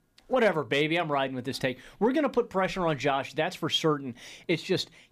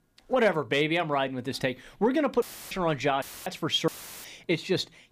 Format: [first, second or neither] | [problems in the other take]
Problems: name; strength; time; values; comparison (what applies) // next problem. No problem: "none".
first | audio cutting out; filled with static; at 2.5 s, at 3 s and at 4 s